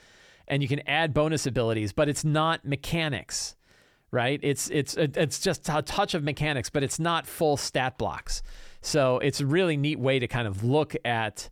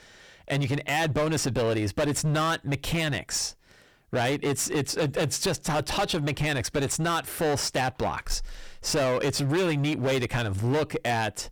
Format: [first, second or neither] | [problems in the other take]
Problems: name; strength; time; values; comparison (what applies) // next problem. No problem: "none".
first | distortion; heavy; 17% of the sound clipped